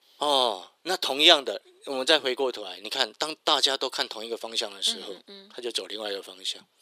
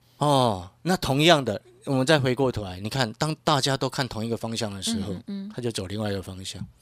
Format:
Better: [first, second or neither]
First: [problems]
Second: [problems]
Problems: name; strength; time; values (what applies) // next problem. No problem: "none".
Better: second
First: thin; somewhat; fading below 350 Hz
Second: none